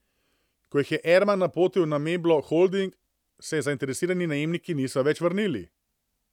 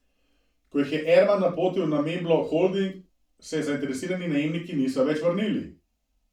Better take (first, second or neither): first